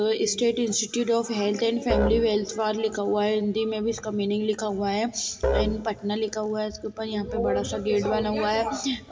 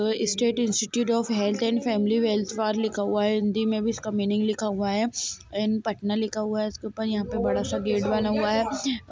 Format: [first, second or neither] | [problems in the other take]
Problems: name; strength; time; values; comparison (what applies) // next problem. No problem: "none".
second | background sound (Musical instrument); 7 dB below the speech // room echo; dies away in 2.3 s